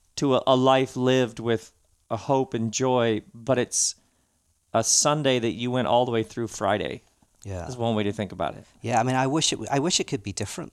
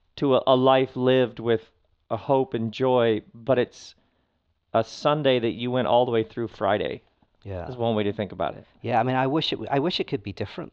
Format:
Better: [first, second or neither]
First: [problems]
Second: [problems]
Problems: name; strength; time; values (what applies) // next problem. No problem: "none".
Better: first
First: none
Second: muffled; very; fading above 4 kHz